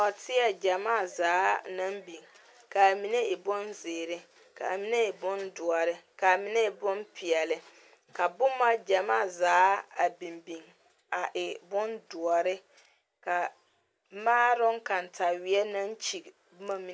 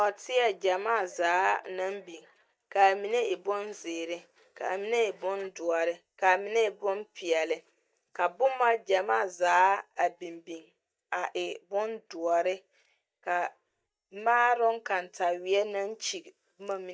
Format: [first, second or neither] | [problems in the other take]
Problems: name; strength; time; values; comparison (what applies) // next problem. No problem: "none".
first | noise reduction (neural mask model DeepFilterNet 3)